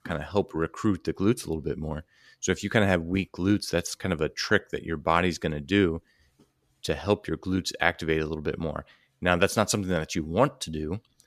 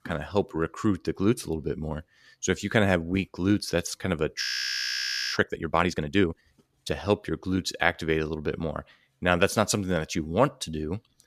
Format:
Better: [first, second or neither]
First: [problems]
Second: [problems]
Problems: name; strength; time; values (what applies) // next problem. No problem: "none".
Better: first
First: none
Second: audio freezing; at 4.5 s for 1 s